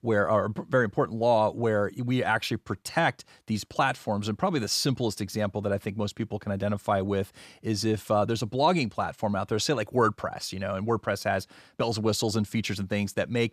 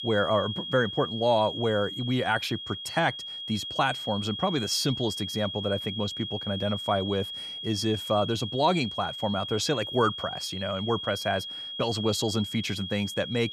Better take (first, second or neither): first